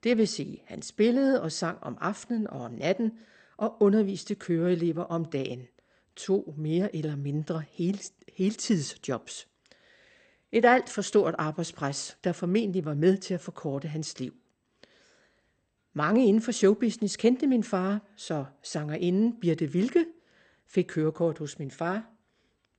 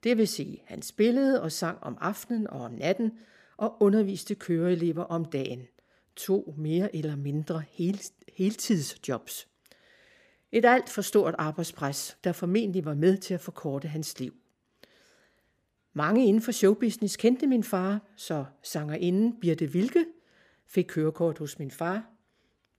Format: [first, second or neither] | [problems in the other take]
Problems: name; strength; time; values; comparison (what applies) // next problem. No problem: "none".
second | garbled, watery; slightly; nothing above 8.5 kHz